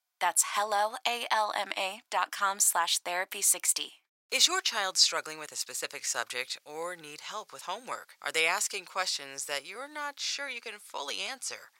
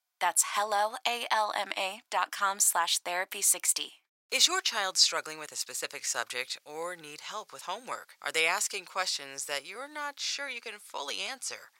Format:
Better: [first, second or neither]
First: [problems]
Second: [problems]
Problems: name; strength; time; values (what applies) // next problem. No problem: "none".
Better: neither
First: thin; very; fading below 850 Hz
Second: thin; very; fading below 850 Hz